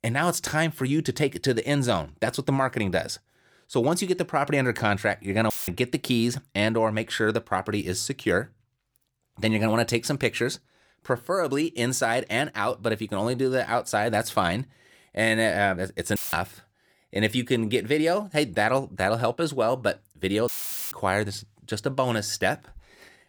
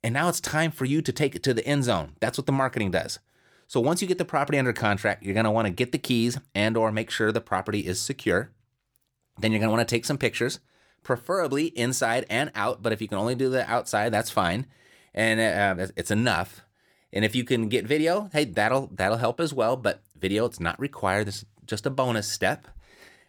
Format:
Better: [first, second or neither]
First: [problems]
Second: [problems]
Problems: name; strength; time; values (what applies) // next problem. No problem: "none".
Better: second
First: audio cutting out; filled with static; at 5.5 s, at 16 s and at 20 s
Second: none